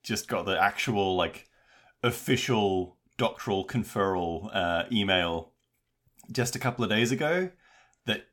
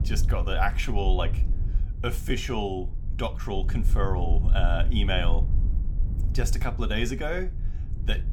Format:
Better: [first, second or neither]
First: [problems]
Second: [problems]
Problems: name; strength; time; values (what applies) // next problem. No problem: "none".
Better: first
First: none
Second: low rumble; noticeable; throughout; 15 dB below the speech